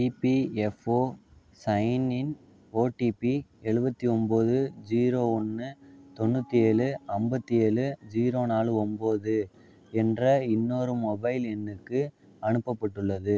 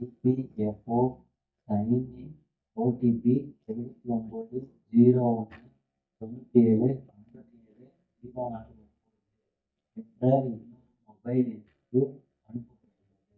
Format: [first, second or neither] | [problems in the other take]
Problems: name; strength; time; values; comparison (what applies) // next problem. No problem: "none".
first | noise reduction (neural mask model DeepFilterNet 3)